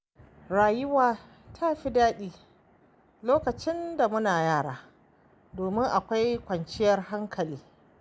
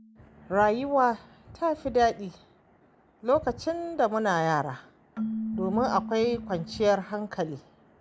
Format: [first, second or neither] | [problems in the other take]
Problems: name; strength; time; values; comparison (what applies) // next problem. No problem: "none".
first | background sound (Keyboard (musical)); 12 dB below the speech